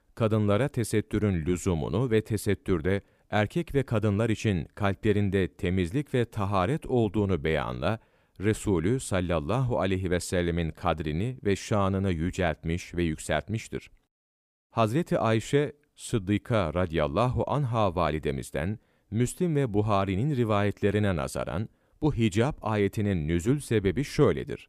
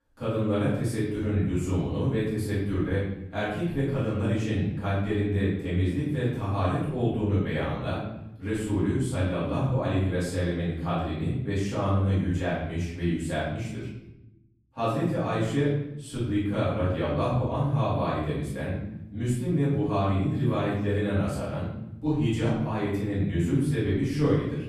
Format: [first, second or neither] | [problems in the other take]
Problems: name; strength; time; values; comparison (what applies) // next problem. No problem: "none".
first | off-mic speech; far // room echo; noticeable; dies away in 0.9 s